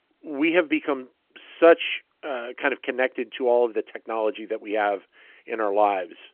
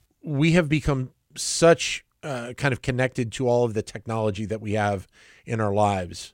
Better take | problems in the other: second | phone-call audio

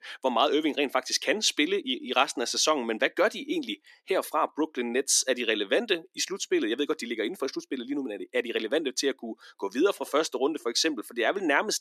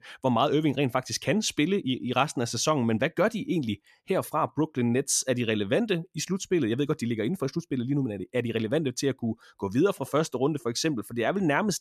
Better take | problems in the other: second | thin; somewhat; fading below 300 Hz

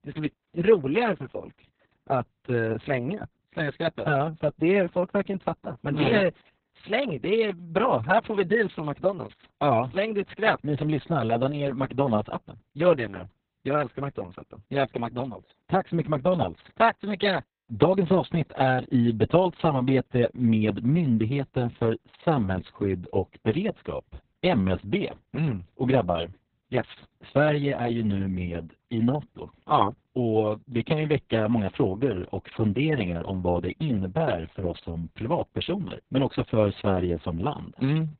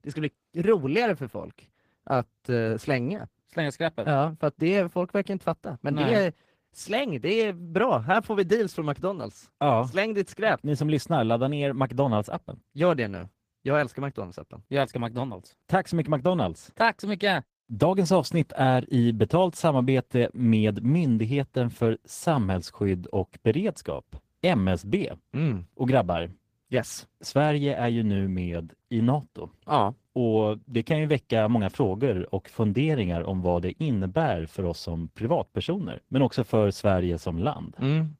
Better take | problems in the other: second | garbled, watery; badly; nothing above 4 kHz; slightly in the second

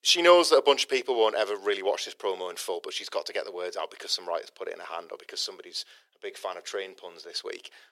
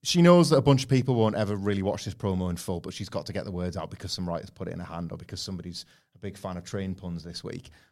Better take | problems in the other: second | thin; very; fading below 400 Hz

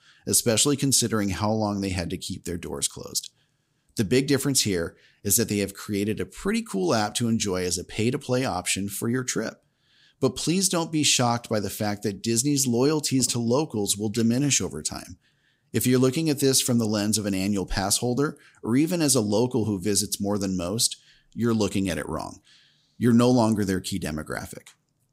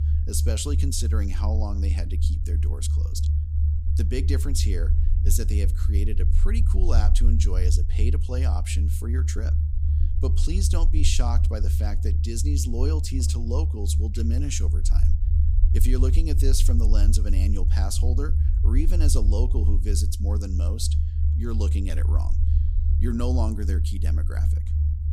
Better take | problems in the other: first | low rumble; loud; throughout; 6 dB below the speech

